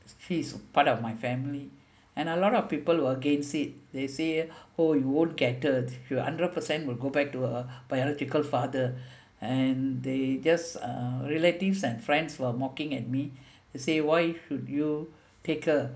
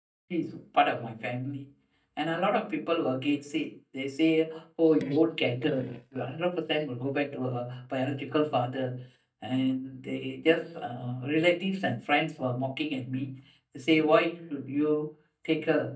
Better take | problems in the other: first | noise reduction (neural mask model DeepFilterNet 3)

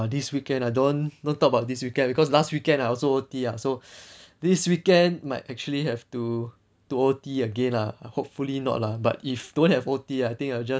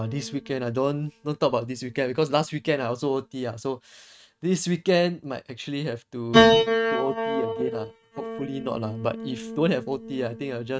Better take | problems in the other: first | noise reduction (neural mask model RNNoise)

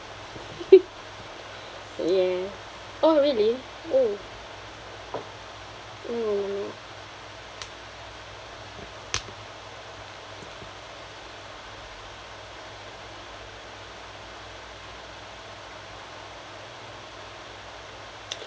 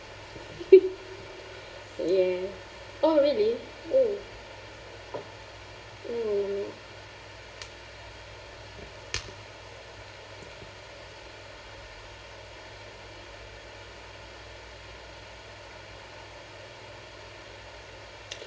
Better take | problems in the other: first | room echo; dies away in 2.8 s

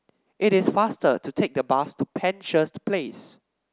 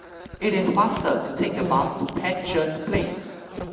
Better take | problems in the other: first | background sound (Insect); 8 dB below the speech // room echo; dies away in 1.3 s

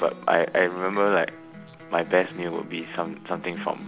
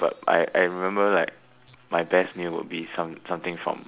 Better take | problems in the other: second | background sound (Acoustic guitar); 16 dB below the speech

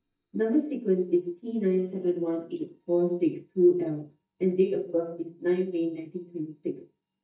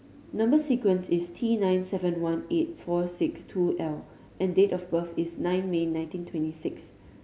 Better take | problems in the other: second | noise reduction (neural mask model DeepFilterNet 3)

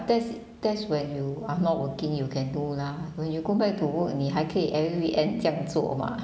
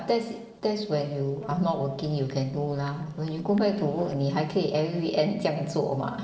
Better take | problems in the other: first | noise reduction (neural separator model SepFormer DNS4)

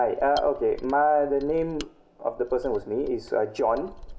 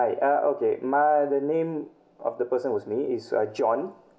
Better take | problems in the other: second | background sound (Mechanisms); 17 dB below the speech

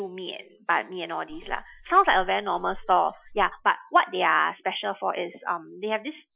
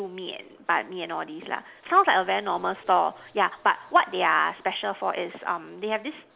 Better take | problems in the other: second | noise reduction (classical method Wiener filter)

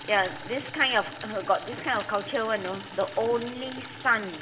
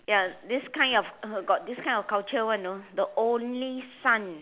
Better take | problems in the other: second | background sound (Water tap, faucet / Liquid); 13 dB below the speech // room echo; dies away in 0.6 s

